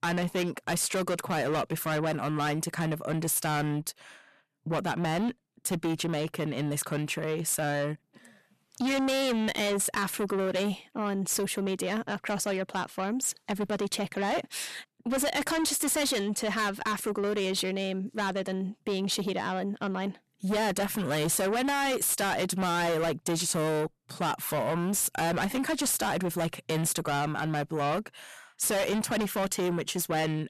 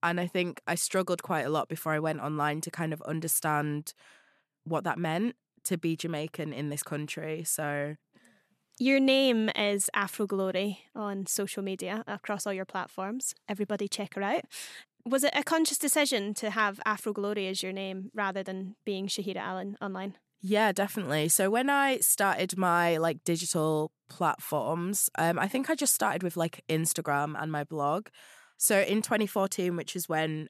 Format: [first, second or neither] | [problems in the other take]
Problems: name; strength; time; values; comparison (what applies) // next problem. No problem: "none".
second | distortion; heavy; 6 dB below the speech